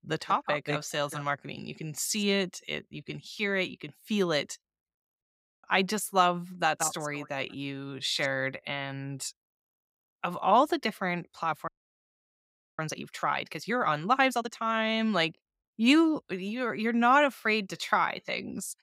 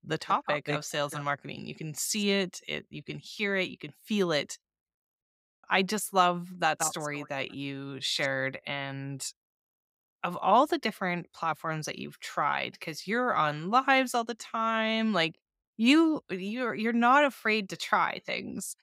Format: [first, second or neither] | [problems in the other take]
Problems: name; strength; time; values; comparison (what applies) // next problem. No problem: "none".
second | audio freezing; at 12 s for 1 s